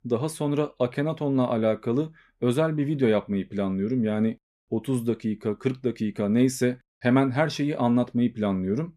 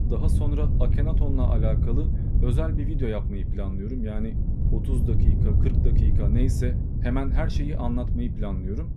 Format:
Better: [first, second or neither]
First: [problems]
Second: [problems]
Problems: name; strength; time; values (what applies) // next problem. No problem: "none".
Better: first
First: none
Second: wind noise on the microphone; heavy; 4 dB below the speech